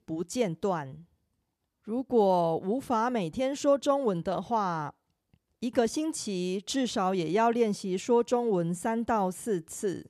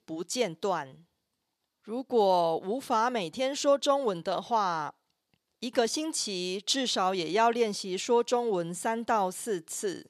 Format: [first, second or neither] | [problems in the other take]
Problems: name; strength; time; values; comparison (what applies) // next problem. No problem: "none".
first | thin; very slightly; fading below 500 Hz